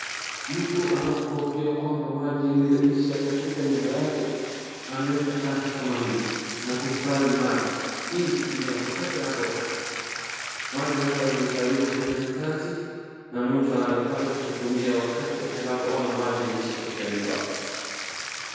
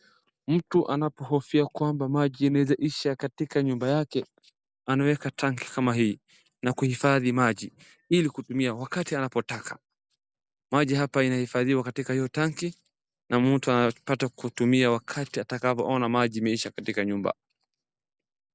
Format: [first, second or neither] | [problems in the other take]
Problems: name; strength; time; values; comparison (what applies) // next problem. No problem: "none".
second | background sound (Bathtub (filling or washing)); 9 dB below the speech // room echo; dies away in 2.2 s